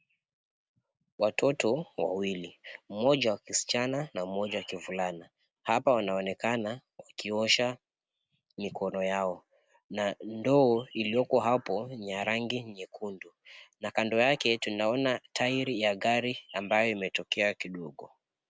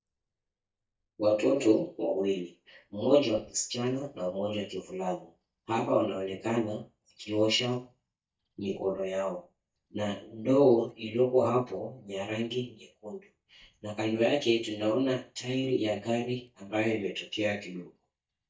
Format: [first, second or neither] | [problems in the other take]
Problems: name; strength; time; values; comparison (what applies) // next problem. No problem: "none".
first | noise reduction (neural mask model DeepFilterNet 3)